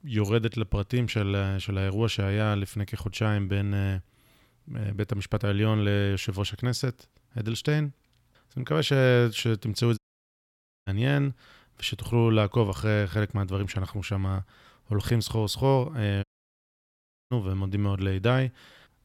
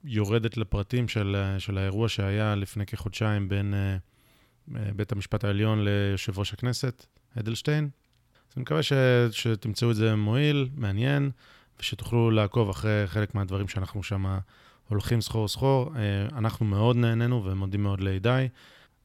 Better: second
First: audio cutting out; at 10 s for 1 s and at 16 s for 1 s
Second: none

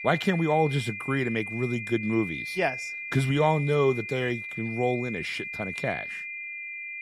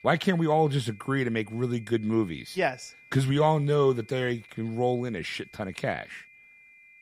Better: second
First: high-pitched whine; loud; throughout; 2.5 kHz, 7 dB below the speech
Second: high-pitched whine; faint; throughout; 2.5 kHz, 25 dB below the speech

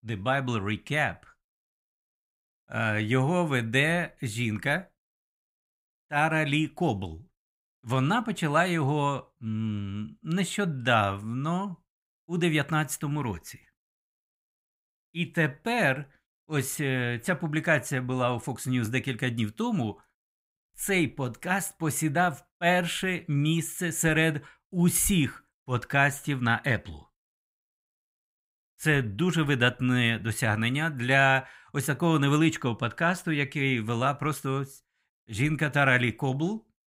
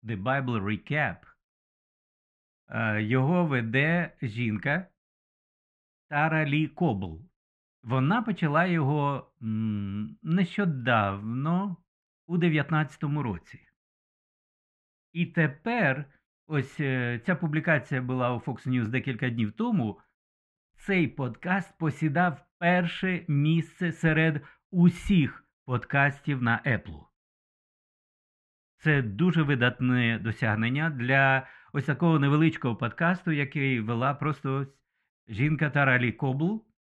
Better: first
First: none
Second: muffled; very; fading above 2.5 kHz

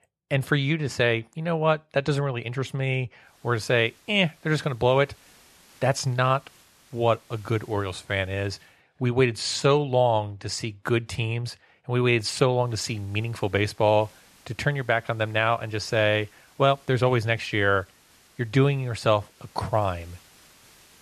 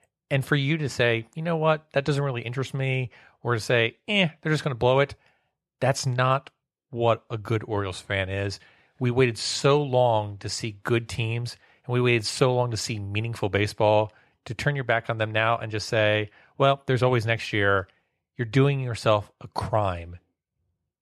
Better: second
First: hiss; faint; from 3.5 to 8.5 s and from 13 s on; 30 dB below the speech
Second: none

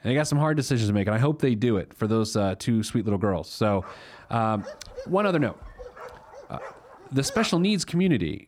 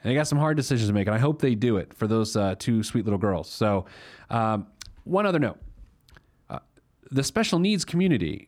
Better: second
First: dog barking; faint; from 4 to 7.5 s; peak 10 dB below the speech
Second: none

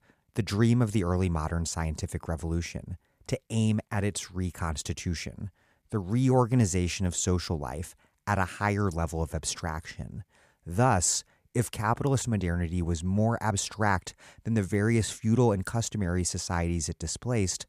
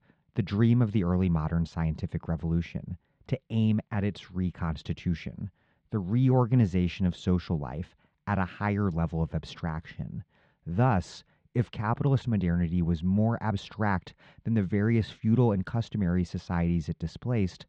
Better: first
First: none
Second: muffled; very; fading above 3.5 kHz

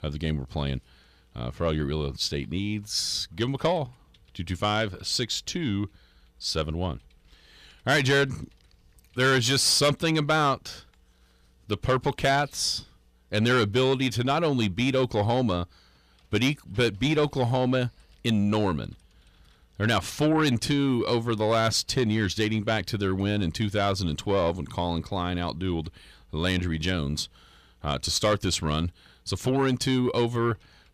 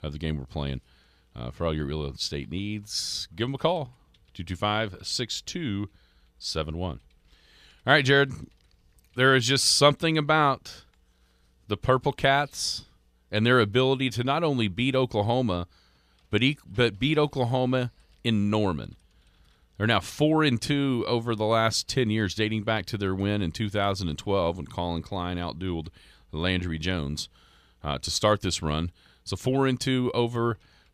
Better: second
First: distortion; slight; 10 dB below the speech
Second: none

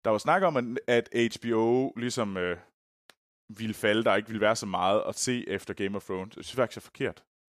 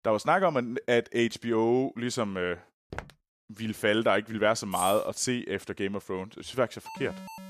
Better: first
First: none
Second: footsteps; faint; at 3 s; peak 15 dB below the speech // jangling keys; noticeable; at 4.5 s; peak 7 dB below the speech // alarm; faint; at 7 s; peak 15 dB below the speech

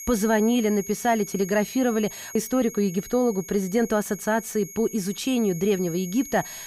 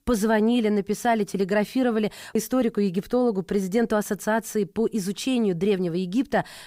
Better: second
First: high-pitched whine; noticeable; throughout; 6.5 kHz, 15 dB below the speech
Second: none

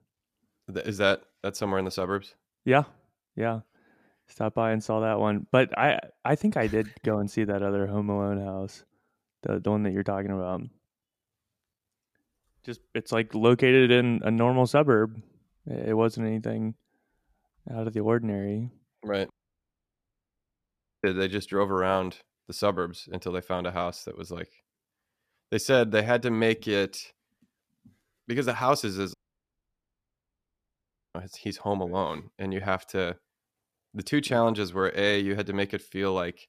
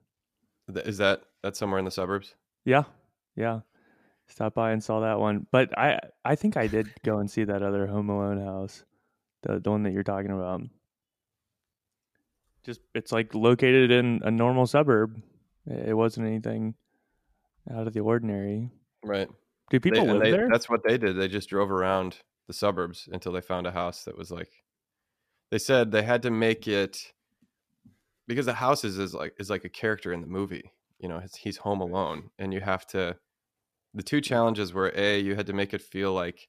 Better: second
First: audio cutting out; at 19 s for 1.5 s and at 29 s for 2 s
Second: none

